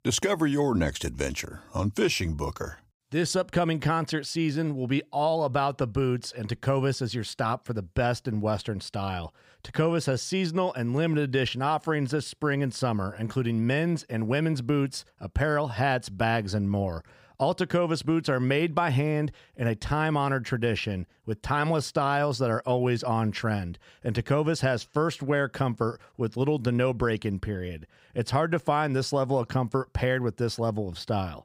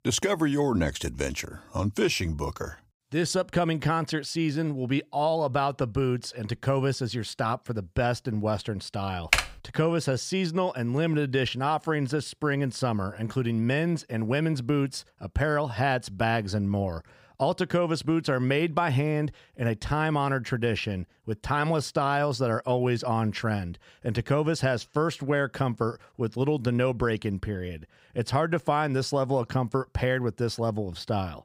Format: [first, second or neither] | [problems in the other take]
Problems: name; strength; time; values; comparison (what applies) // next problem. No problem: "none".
first | keyboard typing; loud; at 9.5 s; peak 3 dB above the speech